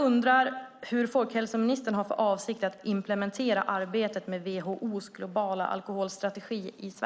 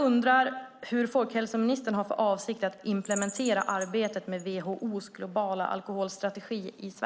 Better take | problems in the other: first | background sound (Bird vocalization, bird call, bird song); 14 dB below the speech

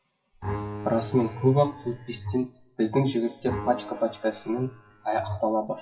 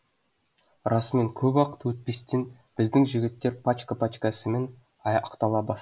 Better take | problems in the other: second | noise reduction (classical method WPE with log-MMSE)

